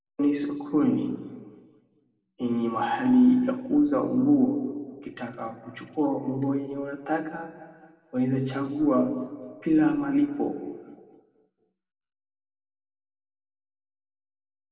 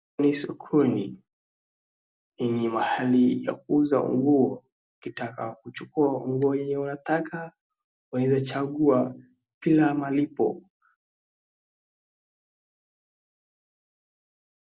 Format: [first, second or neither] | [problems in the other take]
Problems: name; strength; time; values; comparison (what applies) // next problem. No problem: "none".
second | background sound (Bowed string instrument); 18 dB below the speech // room echo; dies away in 1.6 s